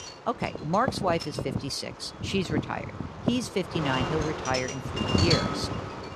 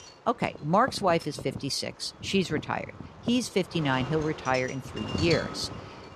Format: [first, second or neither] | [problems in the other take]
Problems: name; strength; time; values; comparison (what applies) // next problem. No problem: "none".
second | wind noise on the microphone; heavy; 2 dB below the speech; occasional gusts in the second